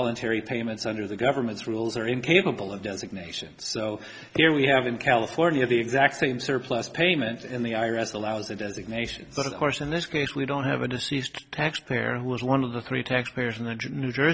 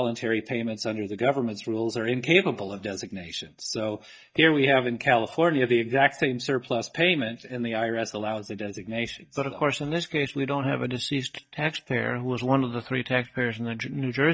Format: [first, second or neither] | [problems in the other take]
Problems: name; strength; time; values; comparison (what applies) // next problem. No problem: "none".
first | noise reduction (neural mask model DeepFilterNet 3)